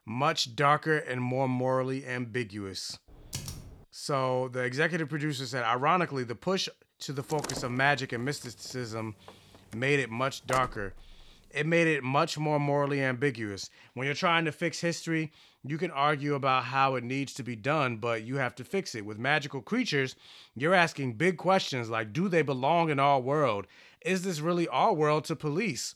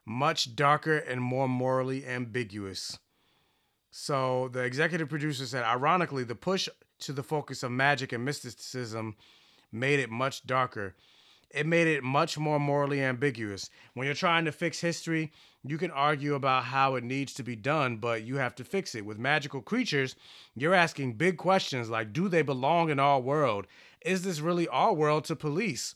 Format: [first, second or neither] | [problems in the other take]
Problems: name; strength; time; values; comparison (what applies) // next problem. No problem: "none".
second | keyboard typing; noticeable; at 3 s; peak 10 dB below the speech // door banging; noticeable; from 7.5 to 11 s; peak 9 dB below the speech